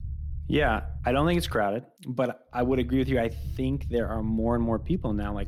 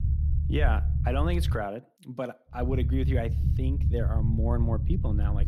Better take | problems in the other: first | low rumble; loud; until 1.5 s and from 2.5 s on; 8 dB below the speech; faint in the first

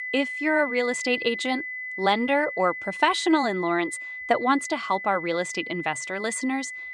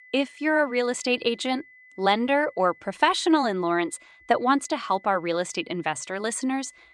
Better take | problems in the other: second | high-pitched whine; loud; throughout; 2 kHz, 7 dB below the speech; faint in the second

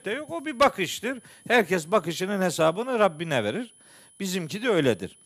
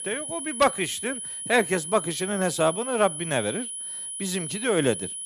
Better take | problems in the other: first | high-pitched whine; loud; throughout; 10.5 kHz, 6 dB below the speech; faint in the first

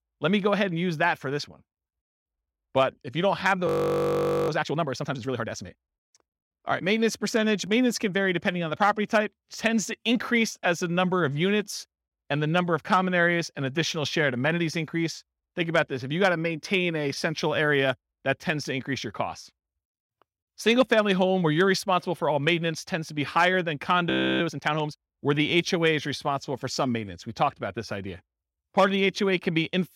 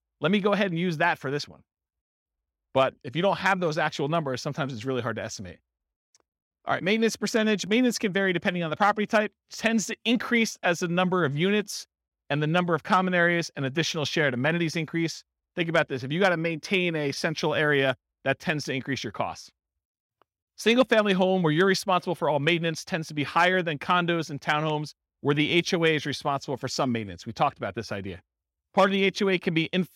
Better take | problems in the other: second | audio freezing; at 3.5 s for 1 s and at 24 s

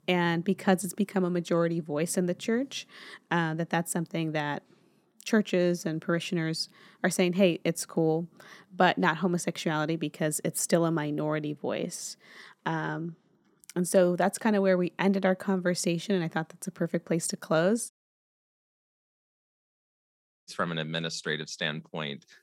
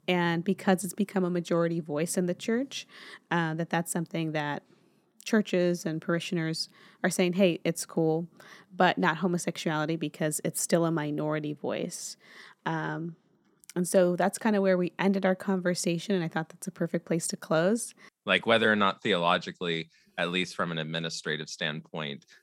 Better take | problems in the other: second | audio cutting out; at 18 s for 2.5 s

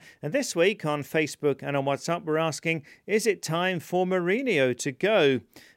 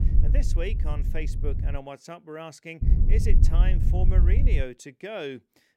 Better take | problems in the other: first | low rumble; loud; until 2 s and from 3 to 4.5 s; 5 dB below the speech

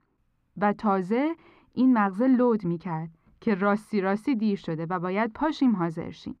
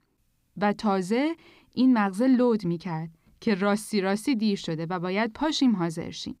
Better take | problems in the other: second | muffled; slightly; fading above 3 kHz

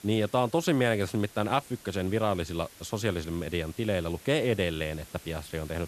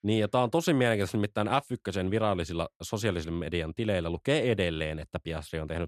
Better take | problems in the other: second | hiss; faint; throughout; 20 dB below the speech

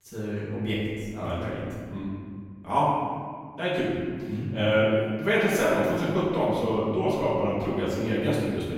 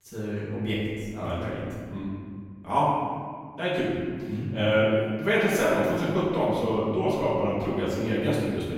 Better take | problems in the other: neither | room echo; strong; dies away in 1.8 s; the same in both // off-mic speech; far; the same in both

